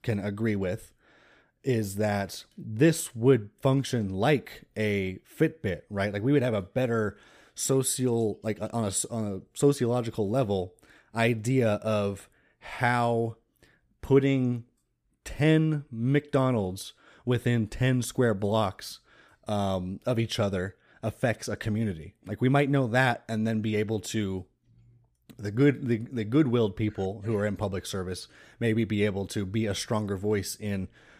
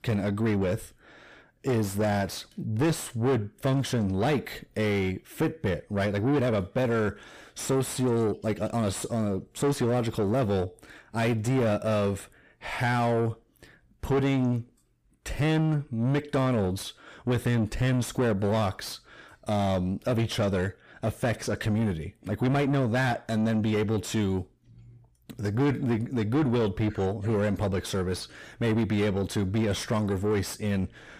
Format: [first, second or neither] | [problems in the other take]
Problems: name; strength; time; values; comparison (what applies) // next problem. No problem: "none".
first | distortion; heavy; 7 dB below the speech